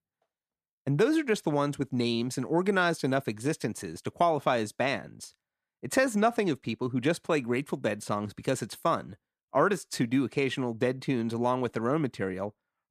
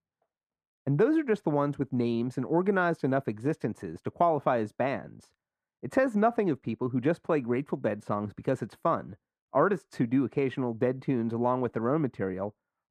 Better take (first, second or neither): first